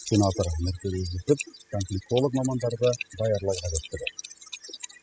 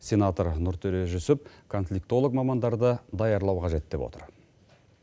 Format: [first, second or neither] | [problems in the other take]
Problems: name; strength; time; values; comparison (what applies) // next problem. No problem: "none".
second | noise reduction (classical method spectral subtraction)